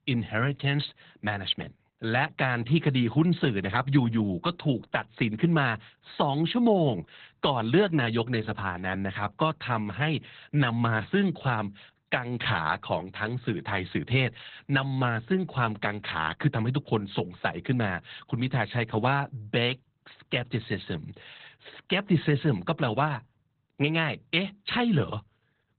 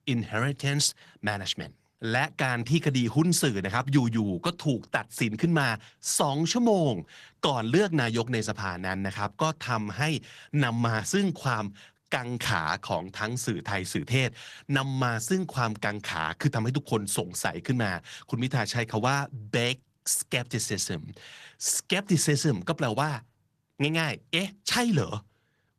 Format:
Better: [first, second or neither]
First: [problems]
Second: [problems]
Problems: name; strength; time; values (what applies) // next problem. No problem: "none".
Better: second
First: garbled, watery; badly; nothing above 4 kHz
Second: garbled, watery; slightly; nothing above 14 kHz